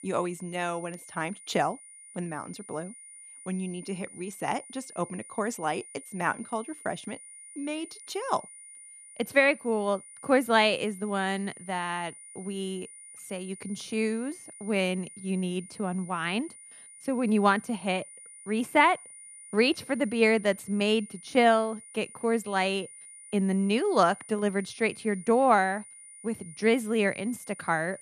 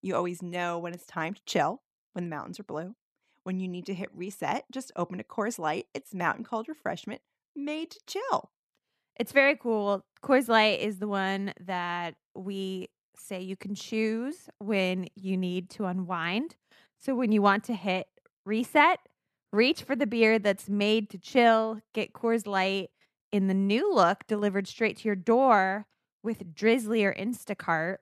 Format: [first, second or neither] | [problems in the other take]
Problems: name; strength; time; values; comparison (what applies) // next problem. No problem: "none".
second | high-pitched whine; noticeable; throughout; 9.5 kHz, 15 dB below the speech